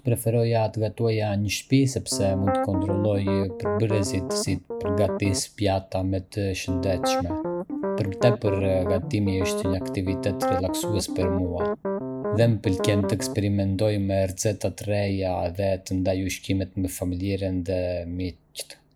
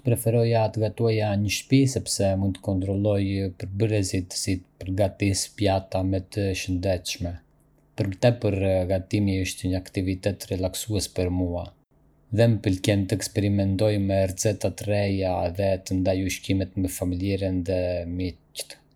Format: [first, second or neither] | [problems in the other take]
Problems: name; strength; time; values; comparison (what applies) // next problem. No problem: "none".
second | background sound (Piano); 3 dB below the speech